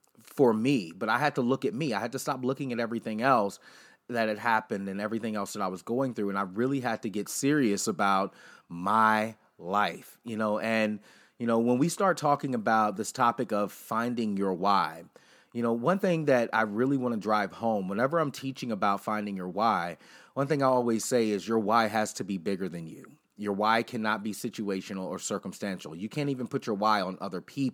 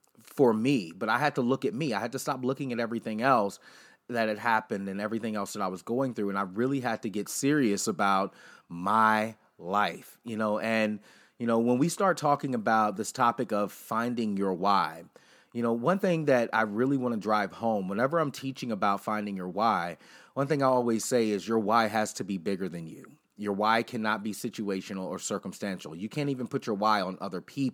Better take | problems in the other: neither | none

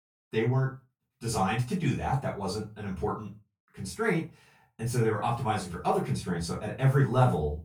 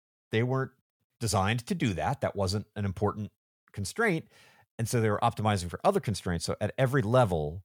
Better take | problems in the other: second | off-mic speech; far // room echo; slight; dies away in 0.2 s

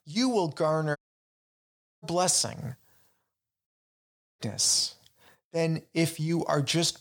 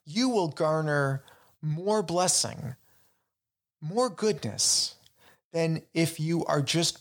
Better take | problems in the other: second | audio cutting out; at 1 s for 1 s and at 3.5 s for 0.5 s

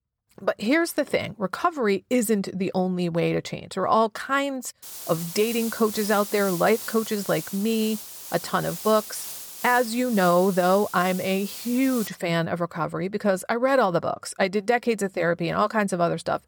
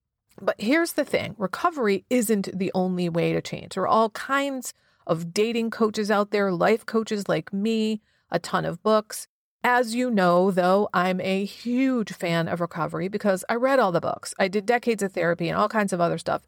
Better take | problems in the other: second | hiss; noticeable; from 5 to 12 s; 10 dB below the speech

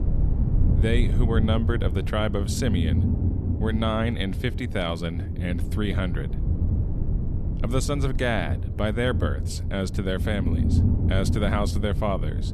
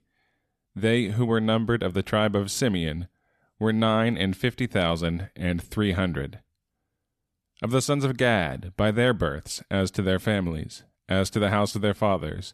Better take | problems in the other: second | low rumble; loud; throughout; 9 dB below the speech

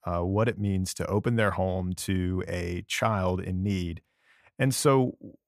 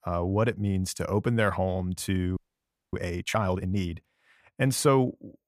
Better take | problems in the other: first | audio freezing; at 2.5 s for 0.5 s

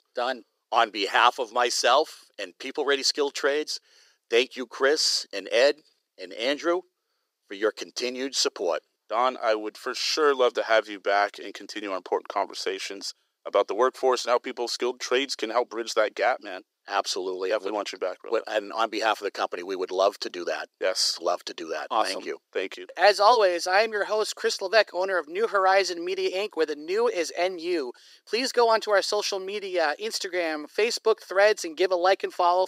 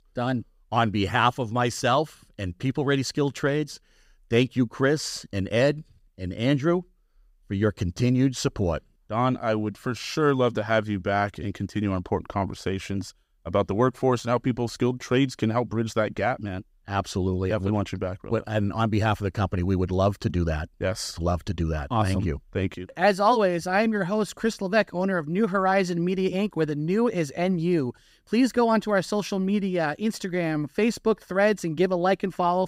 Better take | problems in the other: second | thin; very; fading below 350 Hz

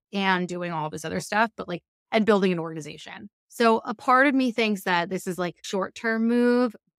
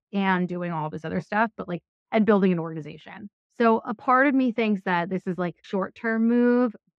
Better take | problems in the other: first | muffled; slightly; fading above 2 kHz

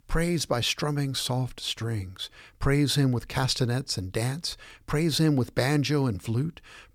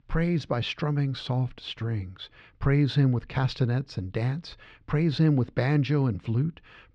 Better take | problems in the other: first | muffled; slightly; fading above 3.5 kHz

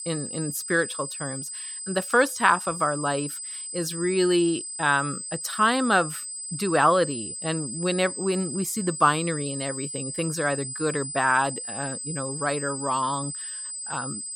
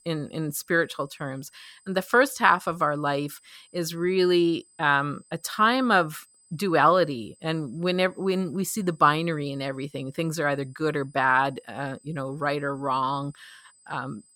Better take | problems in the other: second | high-pitched whine; loud; throughout; 8 kHz, 7 dB below the speech; faint in the second

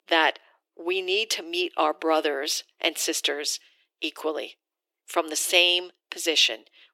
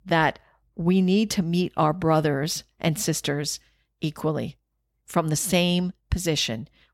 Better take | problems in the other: second | thin; very; fading below 350 Hz

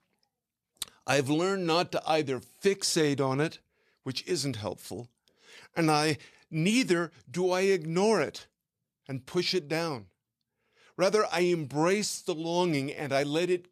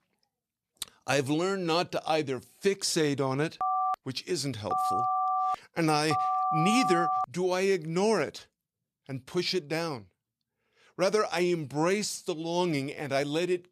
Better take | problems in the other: first | phone ringing; loud; from 3.5 to 7.5 s; peak 2 dB above the speech

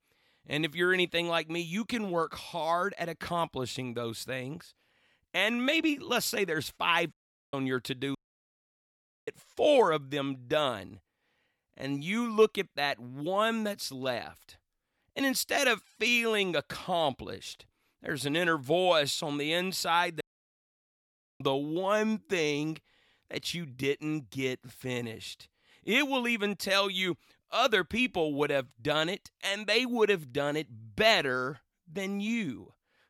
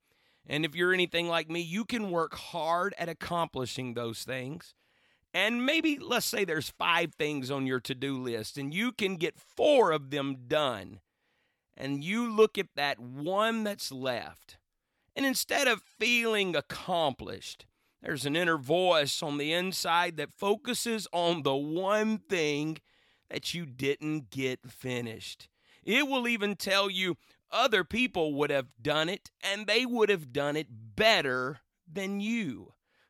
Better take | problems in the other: second | audio cutting out; at 7 s, at 8 s for 1 s and at 20 s for 1 s

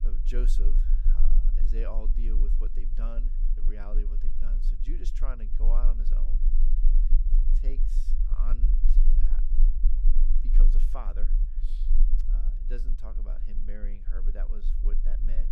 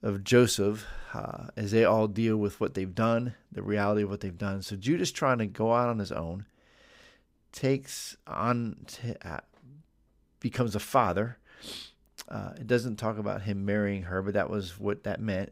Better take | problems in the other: second | low rumble; loud; throughout; 8 dB below the speech

